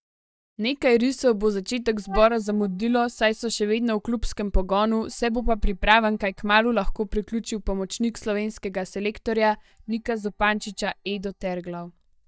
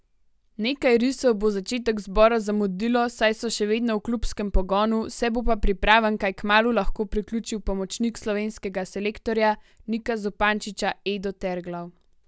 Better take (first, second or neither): second